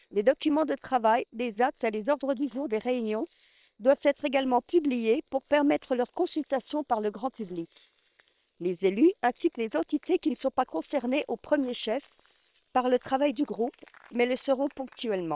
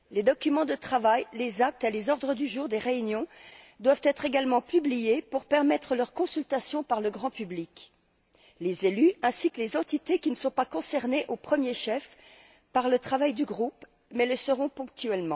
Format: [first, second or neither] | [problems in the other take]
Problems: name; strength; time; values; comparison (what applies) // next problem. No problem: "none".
second | noise reduction (neural separator model SepFormer WHAM!)